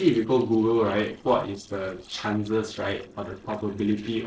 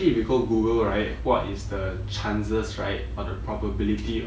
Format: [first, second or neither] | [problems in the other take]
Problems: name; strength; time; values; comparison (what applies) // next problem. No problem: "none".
second | noise reduction (neural separator model SepFormer DNS4)